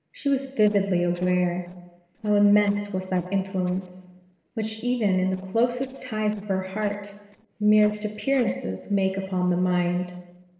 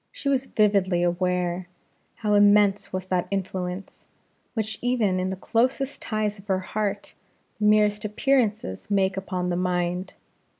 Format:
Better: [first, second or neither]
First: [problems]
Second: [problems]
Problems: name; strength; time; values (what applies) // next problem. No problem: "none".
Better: second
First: noise reduction (neural separator model SepFormer DNS4)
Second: none